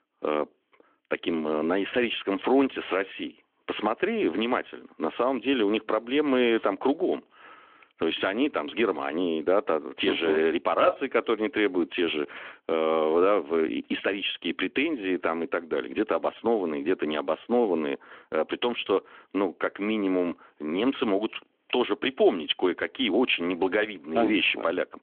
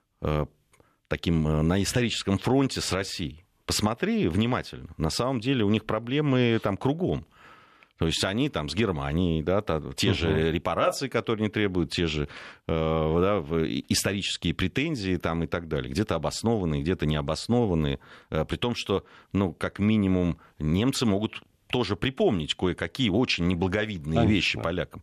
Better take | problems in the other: second | phone-call audio; nothing above 3.5 kHz

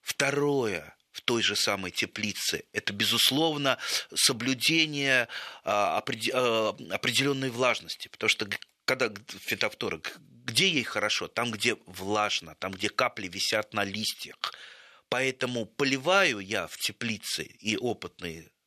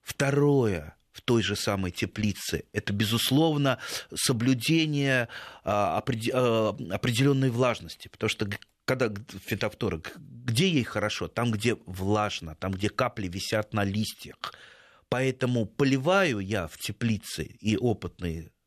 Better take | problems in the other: second | thin; very slightly; fading below 550 Hz

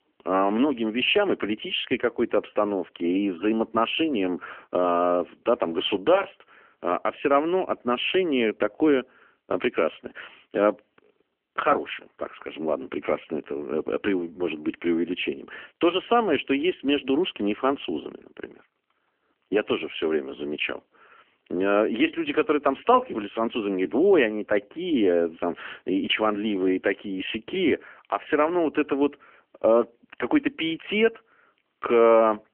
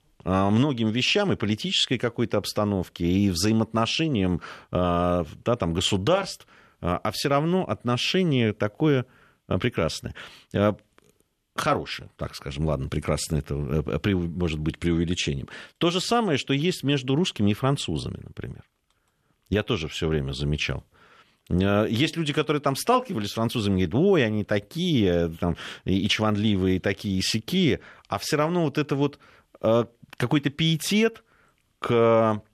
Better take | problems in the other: second | phone-call audio; nothing above 3 kHz

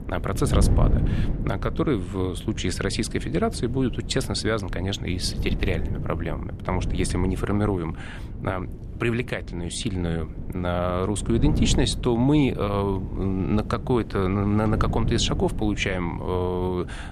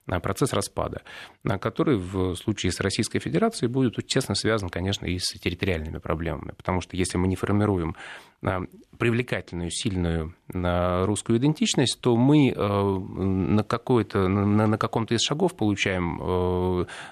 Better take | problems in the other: second | wind noise on the microphone; occasional gusts; 10 dB below the speech

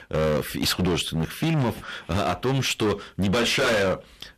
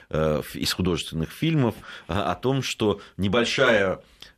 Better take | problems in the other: second | distortion; heavy; 21% of the sound clipped

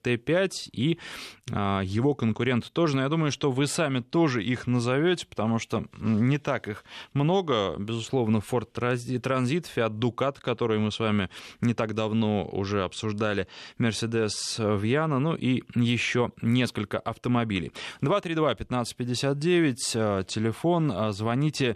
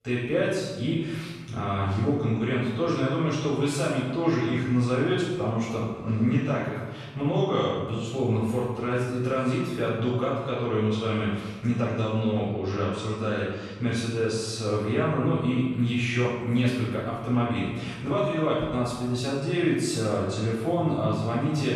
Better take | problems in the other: first | room echo; strong; dies away in 1.2 s // off-mic speech; far

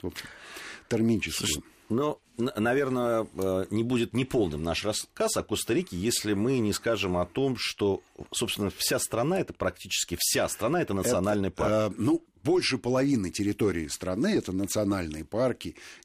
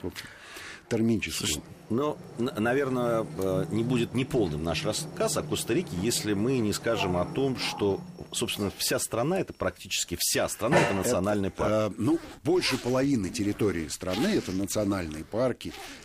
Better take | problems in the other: first | household noises; loud; throughout; 9 dB below the speech

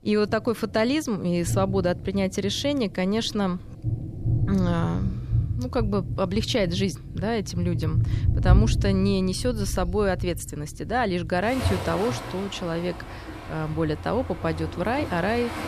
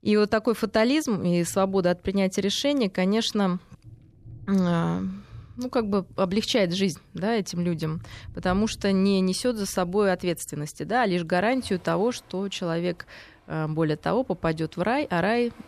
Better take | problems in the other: second | rain or running water; loud; throughout; 3 dB below the speech; faint in the second

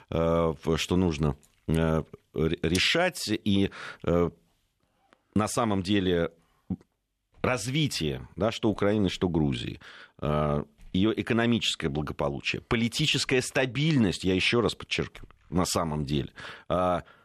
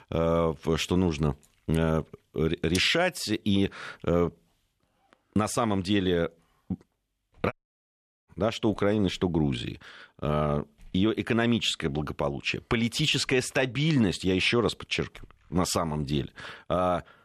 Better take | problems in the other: first | audio cutting out; at 7.5 s for 1 s

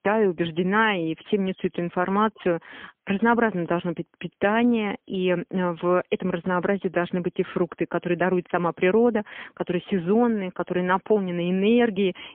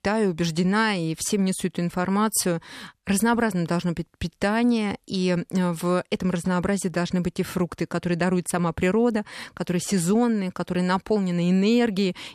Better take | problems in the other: second | phone-call audio; poor line; nothing above 3.5 kHz

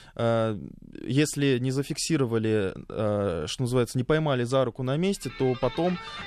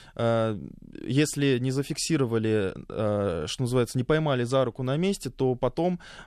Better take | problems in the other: second | background music; noticeable; from 2.5 s on; 15 dB below the speech

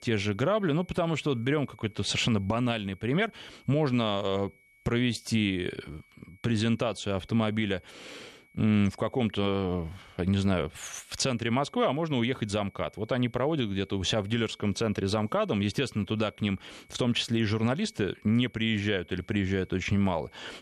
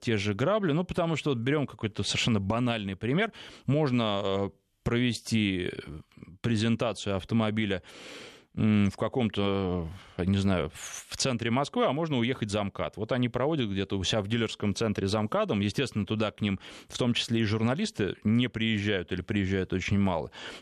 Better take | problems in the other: second | high-pitched whine; faint; throughout; 2 kHz, 30 dB below the speech

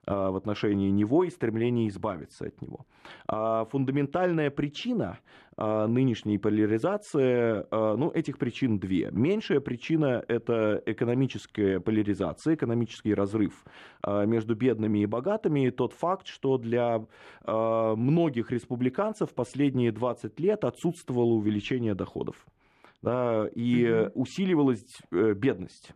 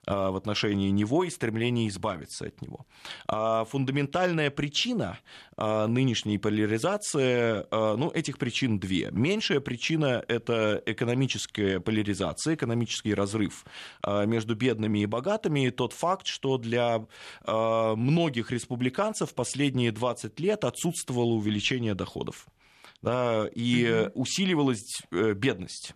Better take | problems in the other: second | muffled; slightly; fading above 2.5 kHz

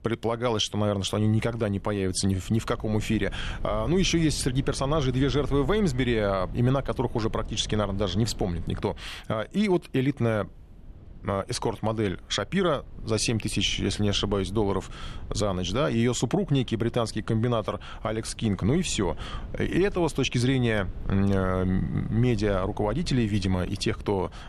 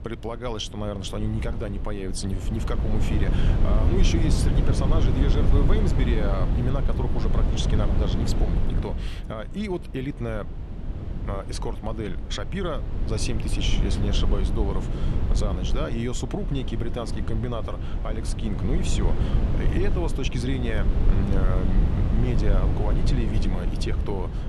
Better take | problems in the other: first | wind noise on the microphone; heavy; 4 dB below the speech; occasional gusts in the first

